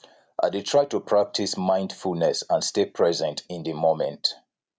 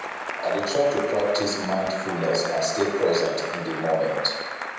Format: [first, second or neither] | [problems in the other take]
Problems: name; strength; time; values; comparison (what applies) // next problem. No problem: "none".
first | background sound (Applause / Cheering); 7 dB below the speech // room echo; dies away in 1.1 s